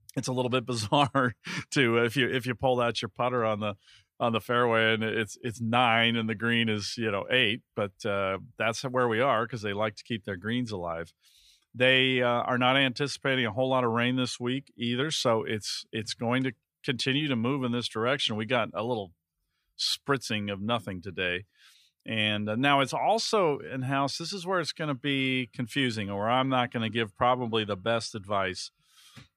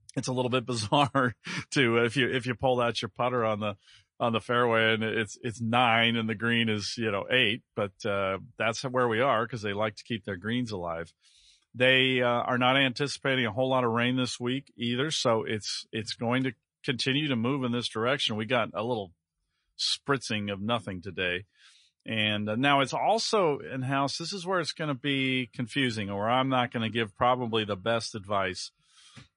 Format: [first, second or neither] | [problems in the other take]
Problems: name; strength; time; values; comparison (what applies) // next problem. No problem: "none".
first | garbled, watery; slightly; nothing above 10.5 kHz